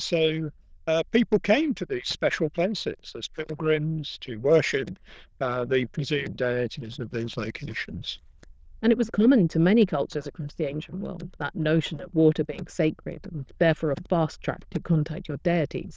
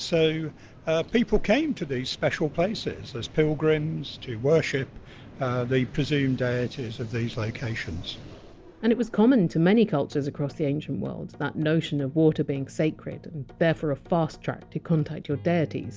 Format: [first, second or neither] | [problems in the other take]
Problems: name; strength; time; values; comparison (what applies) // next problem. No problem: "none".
second | noise reduction (neural diffusion model UNIVERSE++)